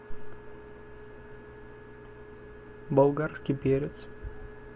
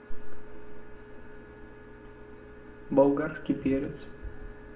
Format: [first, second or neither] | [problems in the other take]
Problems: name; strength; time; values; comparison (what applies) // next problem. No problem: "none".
first | room echo; dies away in 0.8 s